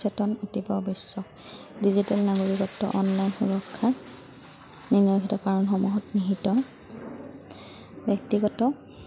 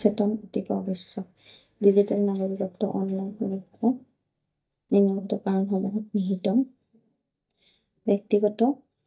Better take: first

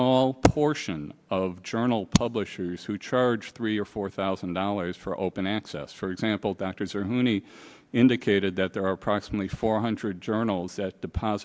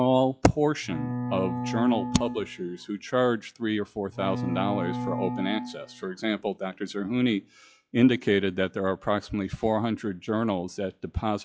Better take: first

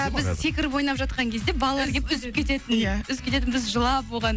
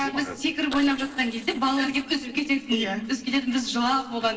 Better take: first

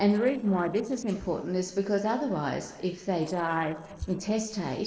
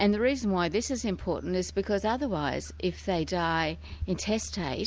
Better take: second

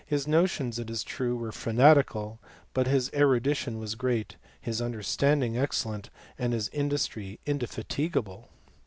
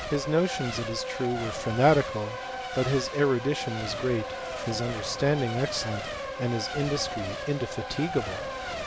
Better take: first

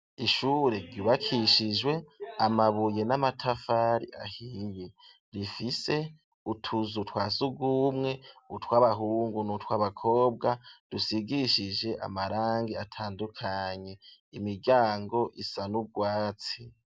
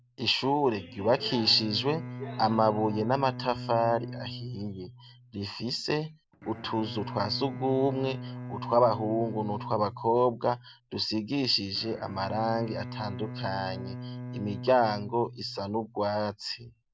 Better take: first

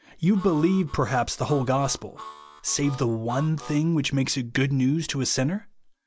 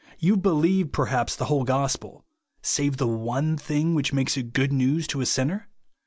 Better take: second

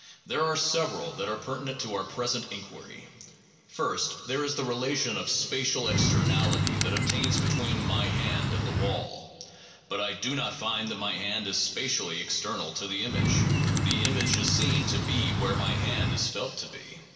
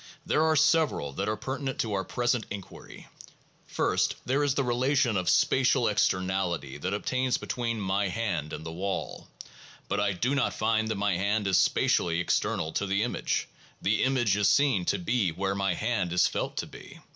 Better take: second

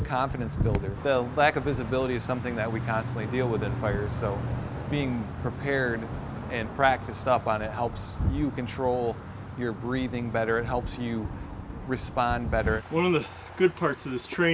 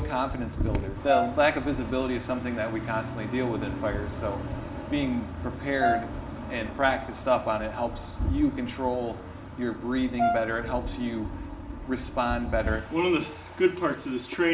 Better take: first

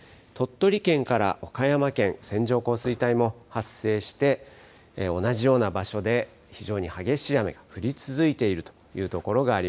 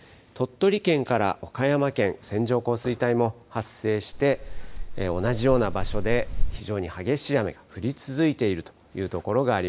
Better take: first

